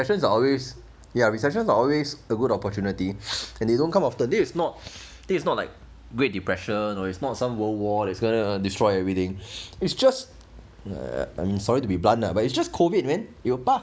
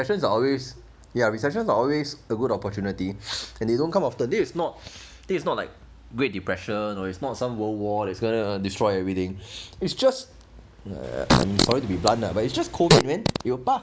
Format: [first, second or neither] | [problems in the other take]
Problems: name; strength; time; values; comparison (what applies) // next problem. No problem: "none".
first | background sound (Fart); 2 dB above the speech